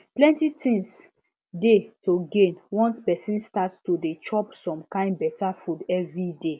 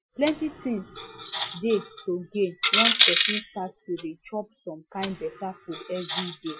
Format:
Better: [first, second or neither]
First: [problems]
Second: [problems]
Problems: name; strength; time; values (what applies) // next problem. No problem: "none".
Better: first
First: none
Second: noise reduction (classical method Wiener filter)